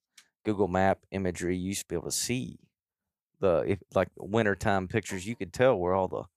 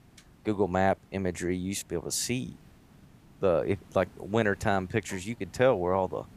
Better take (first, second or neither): first